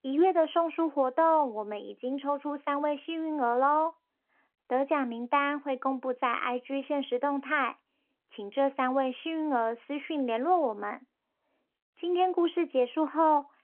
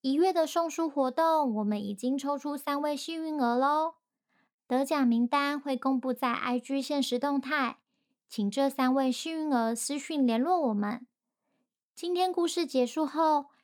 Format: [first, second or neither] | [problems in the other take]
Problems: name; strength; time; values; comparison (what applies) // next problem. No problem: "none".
second | phone-call audio